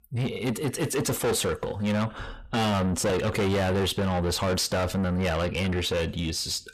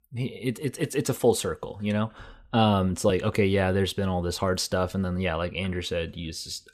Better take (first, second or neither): second